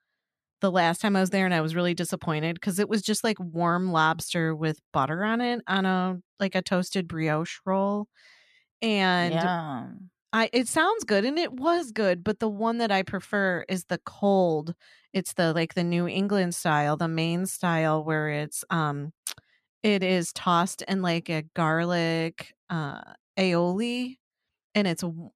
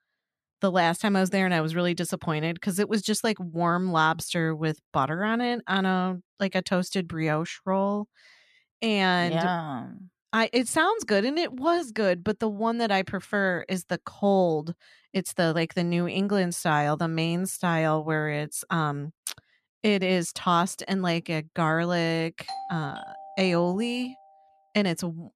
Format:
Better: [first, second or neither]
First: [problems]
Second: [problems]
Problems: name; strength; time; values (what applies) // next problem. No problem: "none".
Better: first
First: none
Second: doorbell; faint; from 22 to 24 s; peak 10 dB below the speech